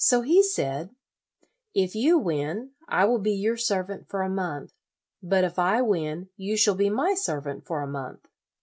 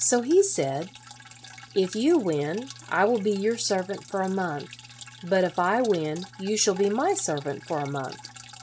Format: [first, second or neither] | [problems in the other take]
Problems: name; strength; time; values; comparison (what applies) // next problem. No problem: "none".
first | background sound (Drip); 19 dB below the speech